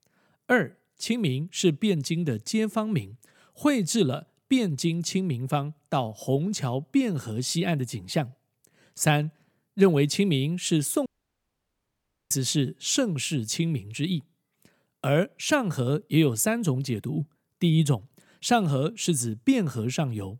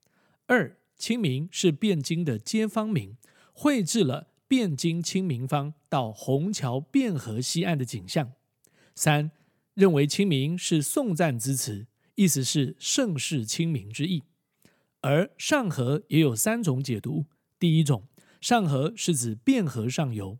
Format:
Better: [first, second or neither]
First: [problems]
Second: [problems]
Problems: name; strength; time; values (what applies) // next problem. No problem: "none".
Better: second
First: audio cutting out; at 11 s for 1 s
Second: none